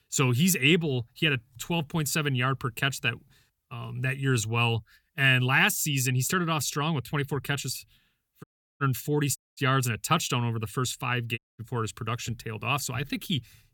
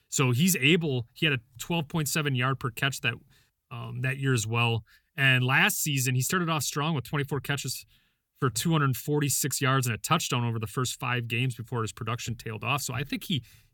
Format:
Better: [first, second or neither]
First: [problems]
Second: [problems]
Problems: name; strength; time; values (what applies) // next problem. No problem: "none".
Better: second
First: audio cutting out; at 8.5 s, at 9.5 s and at 11 s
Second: none